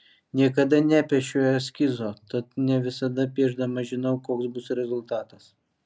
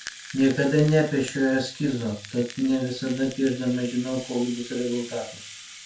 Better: first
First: none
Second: background sound (Rattle (instrument)); 17 dB below the speech // room echo; dies away in 0.3 s

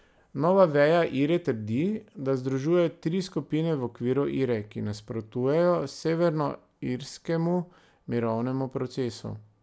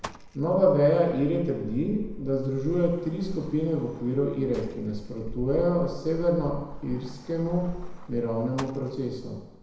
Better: first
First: none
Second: background sound (Sliding door); 12 dB below the speech // room echo; dies away in 0.9 s

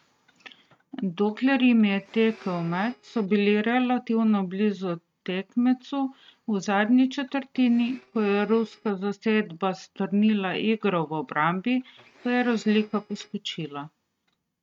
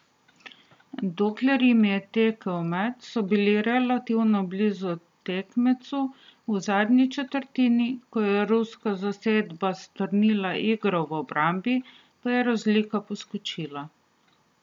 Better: second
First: noise reduction (neural mask model RNNoise)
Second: none

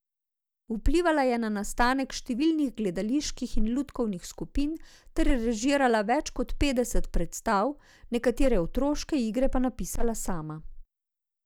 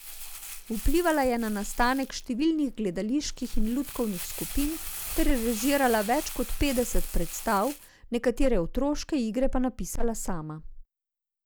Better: first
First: none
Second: background sound (Crumpling, crinkling); 13 dB below the speech

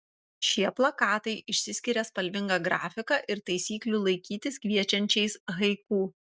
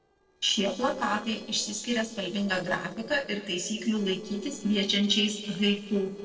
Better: first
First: none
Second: noise reduction (neural separator model SepFormer DNS4)

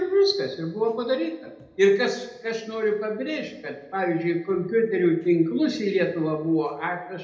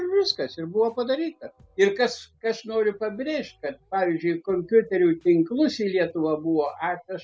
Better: second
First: room echo; dies away in 0.8 s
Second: none

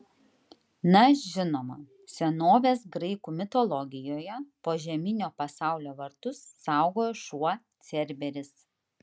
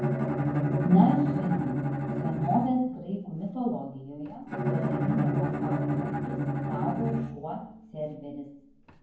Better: first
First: none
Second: background sound (Bowed string instrument); as loud as the speech // room echo; dies away in 0.9 s

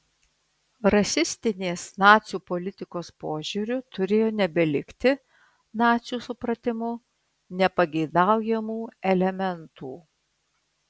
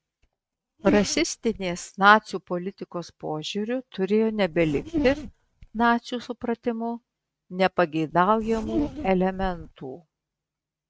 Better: first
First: none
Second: noise reduction (neural mask model RNNoise)

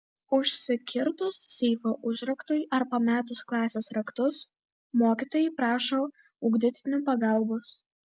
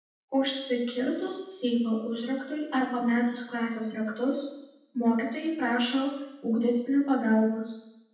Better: first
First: none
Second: room echo; dies away in 0.9 s

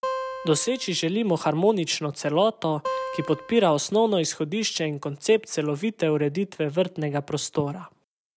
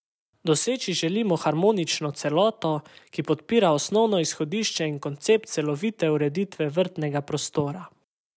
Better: second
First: background sound (Acoustic guitar); 9 dB below the speech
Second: none

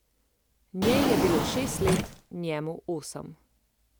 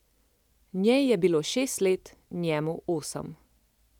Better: second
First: background sound (Drawer open or close); 3 dB above the speech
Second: none

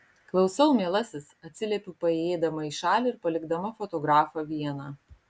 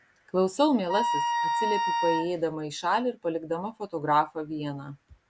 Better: first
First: none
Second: background sound (Wind instrument, woodwind instrument); 1 dB above the speech

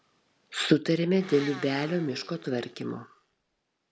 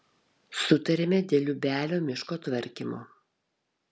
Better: second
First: background sound (Domestic sounds, home sounds); 16 dB below the speech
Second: none

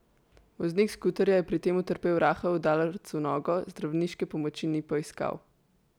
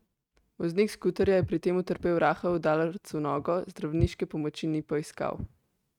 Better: first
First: none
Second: noise reduction (neural mask model RNNoise)

